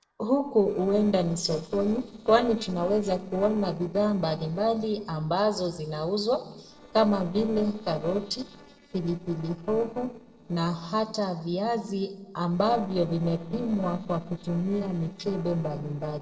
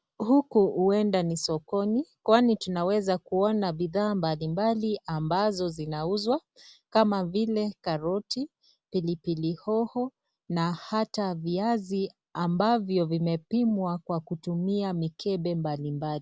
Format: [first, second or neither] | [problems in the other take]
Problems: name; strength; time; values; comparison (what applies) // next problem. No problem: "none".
second | noise reduction (neural separator model SepFormer DNS4)